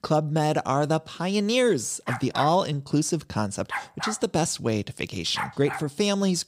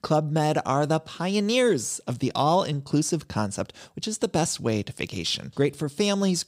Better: second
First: dog barking; noticeable; from 2 to 6 s; peak 6 dB below the speech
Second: none

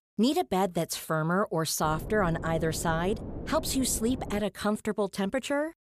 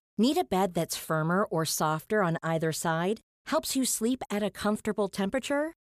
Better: second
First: wind noise on the microphone; occasional gusts; from 2 to 4.5 s; 15 dB below the speech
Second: none

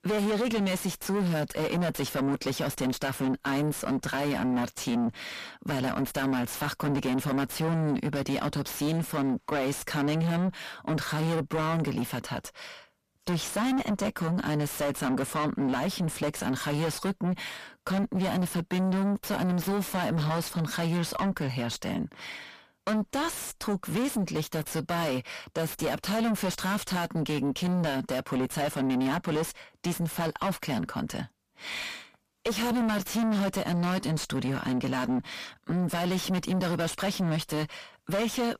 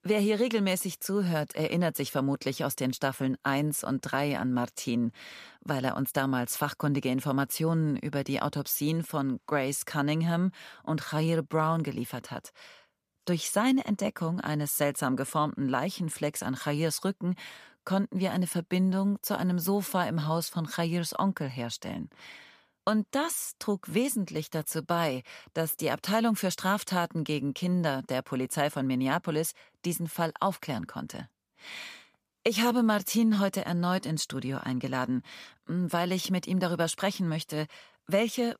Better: second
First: distortion; heavy; 6 dB below the speech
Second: none

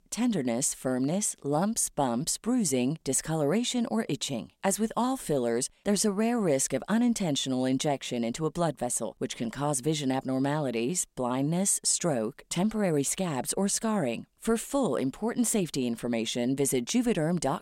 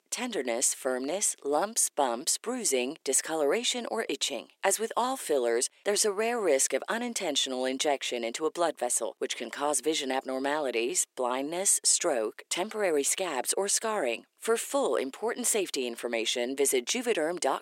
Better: first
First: none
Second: thin; somewhat; fading below 350 Hz

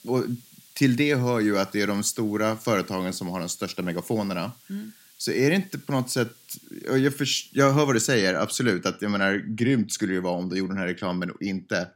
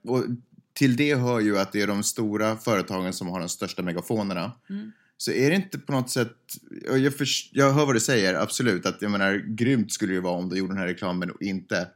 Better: second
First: hiss; faint; until 8 s; 25 dB below the speech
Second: none

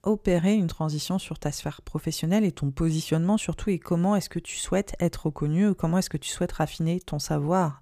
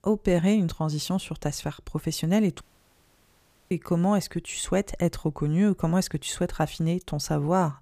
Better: first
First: none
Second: audio cutting out; at 2.5 s for 1 s

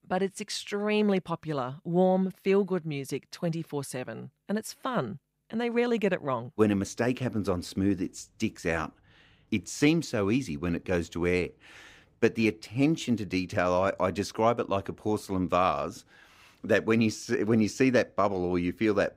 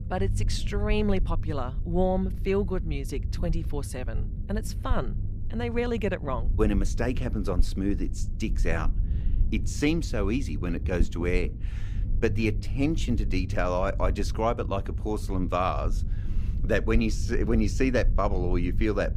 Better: first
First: none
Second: low rumble; noticeable; throughout; 15 dB below the speech

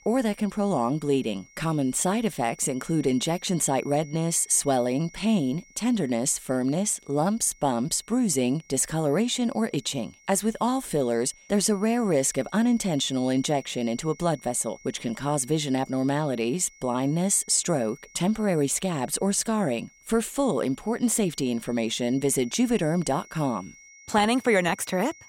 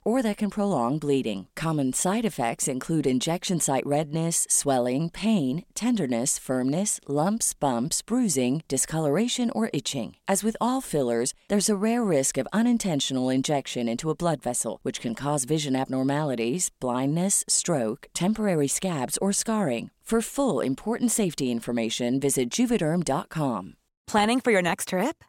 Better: second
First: high-pitched whine; faint; throughout; 2 kHz, 25 dB below the speech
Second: none

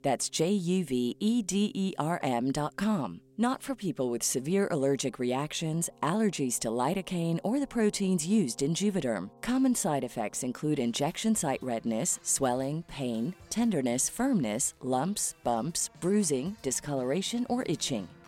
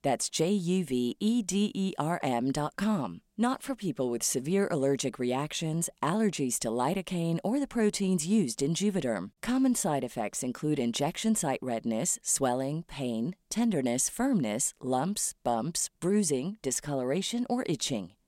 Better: second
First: background music; faint; throughout; 25 dB below the speech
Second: none

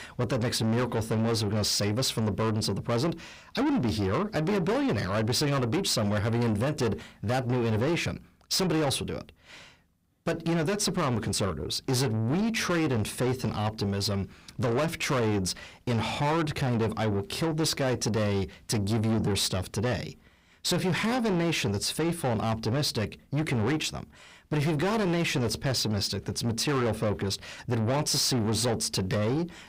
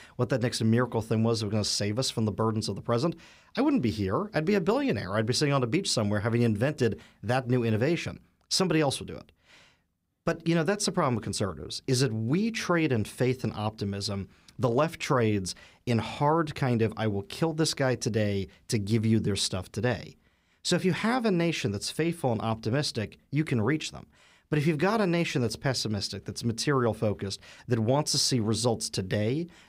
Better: second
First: distortion; heavy; 7 dB below the speech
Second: none

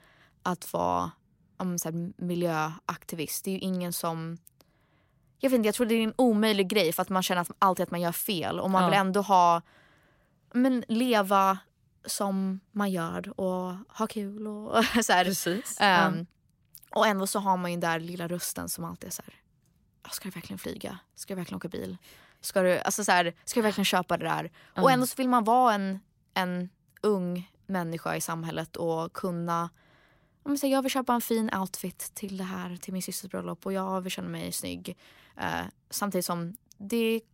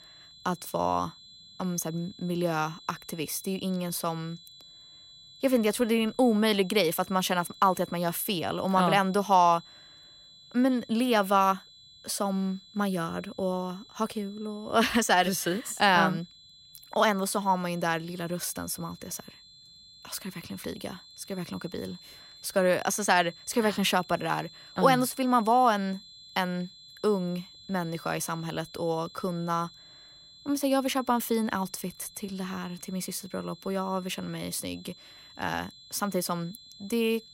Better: first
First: none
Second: high-pitched whine; faint; throughout; 4 kHz, 20 dB below the speech

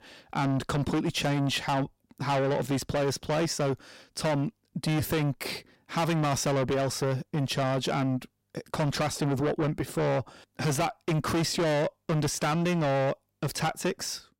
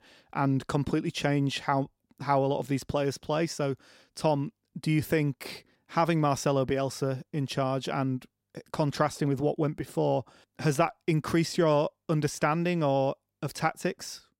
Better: second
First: distortion; heavy; 6 dB below the speech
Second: none

